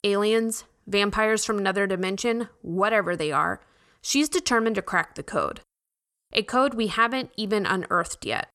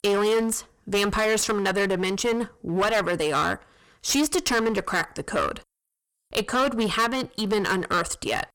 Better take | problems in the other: first | distortion; heavy; 15% of the sound clipped

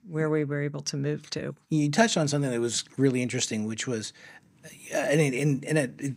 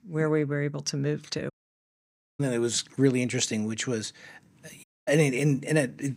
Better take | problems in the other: first | audio cutting out; at 1.5 s for 1 s and at 5 s

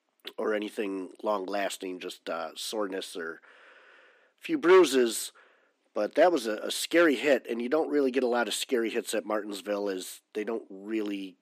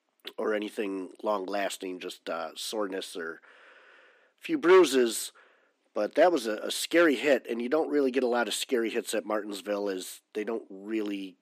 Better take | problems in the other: neither | thin; somewhat; fading below 250 Hz; the same in both

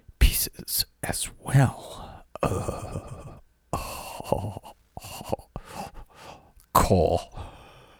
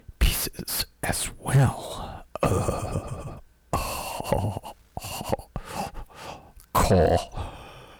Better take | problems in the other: first | distortion; heavy; 7 dB below the speech

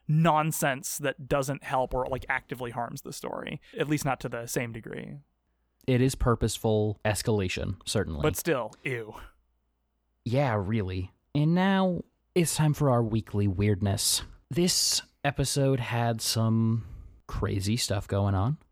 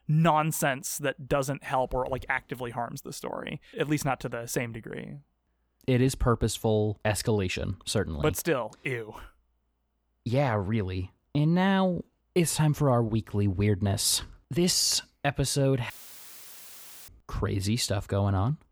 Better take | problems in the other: first | audio cutting out; filled with static; at 16 s for 1 s

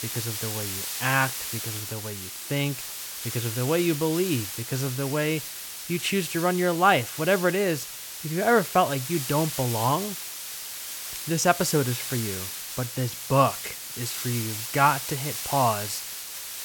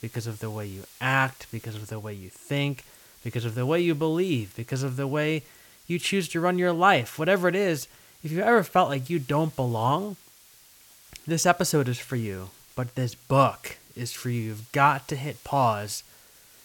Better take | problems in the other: second | hiss; loud; throughout; 6 dB below the speech; faint in the second

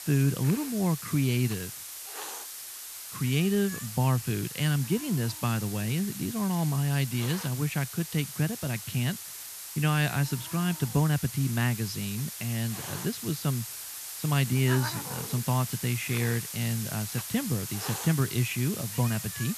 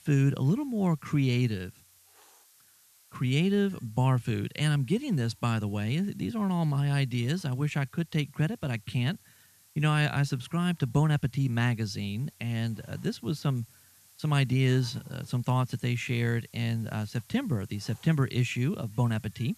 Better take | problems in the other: second | hiss; loud; throughout; 7 dB below the speech; faint in the second

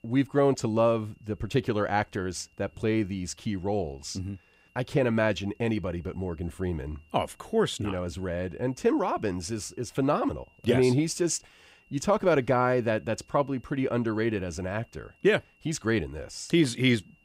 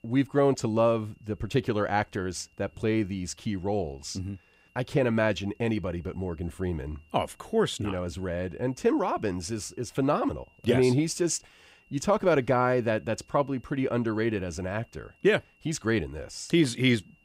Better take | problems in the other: neither | high-pitched whine; faint; throughout; 3 kHz, 35 dB below the speech; the same in both

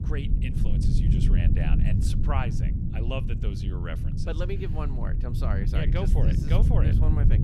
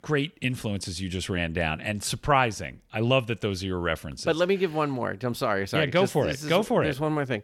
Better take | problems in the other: second | low rumble; loud; throughout; 2 dB below the speech

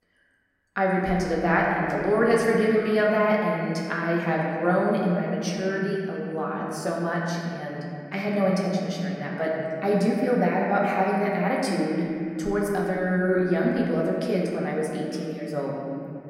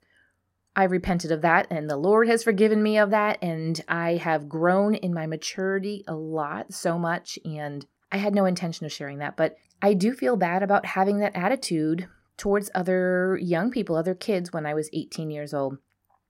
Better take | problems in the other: second | room echo; noticeable; dies away in 2.9 s // off-mic speech; far

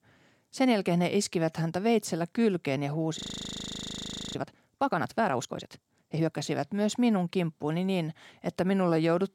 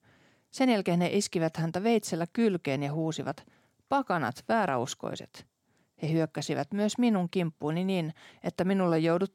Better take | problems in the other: second | audio freezing; at 3 s for 1 s

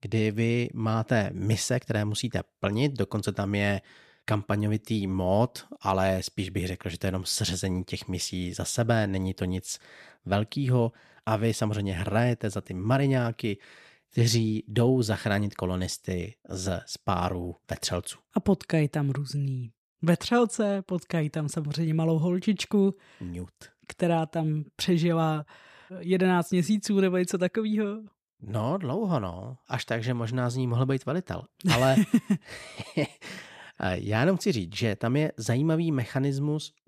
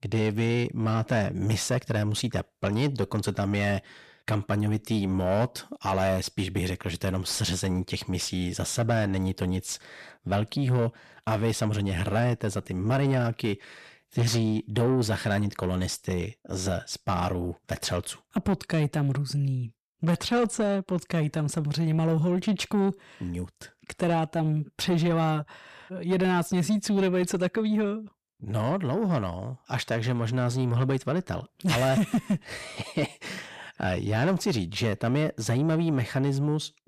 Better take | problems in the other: first | distortion; slight; 10 dB below the speech

